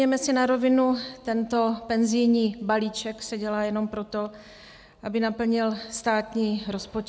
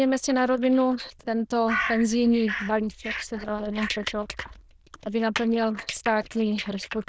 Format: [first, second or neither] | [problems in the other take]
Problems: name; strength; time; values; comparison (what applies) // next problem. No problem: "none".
first | noise reduction (neural diffusion model UNIVERSE++)